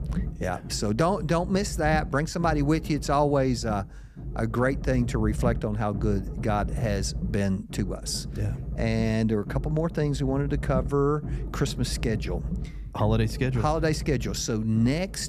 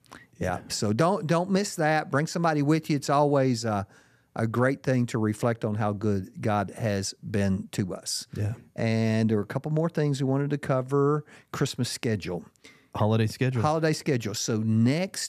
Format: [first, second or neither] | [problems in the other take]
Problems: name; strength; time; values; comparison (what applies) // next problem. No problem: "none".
second | low rumble; noticeable; throughout; 15 dB below the speech